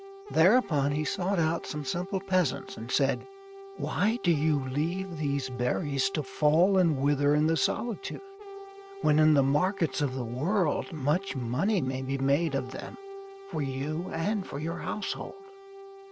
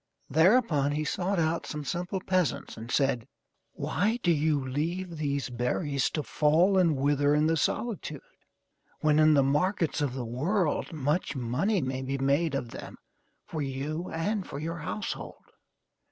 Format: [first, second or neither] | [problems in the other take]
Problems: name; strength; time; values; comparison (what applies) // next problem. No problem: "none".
second | background sound (Brass instrument); 15 dB below the speech